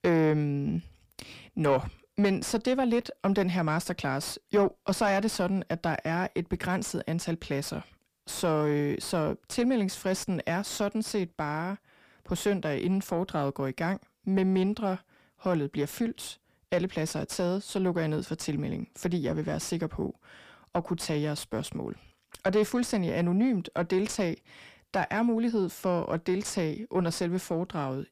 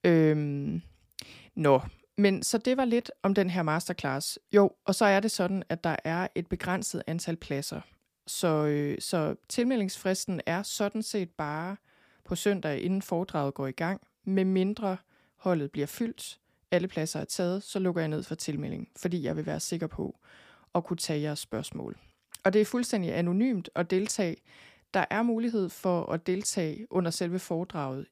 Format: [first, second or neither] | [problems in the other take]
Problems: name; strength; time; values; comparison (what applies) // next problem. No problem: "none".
second | distortion; slight; 10 dB below the speech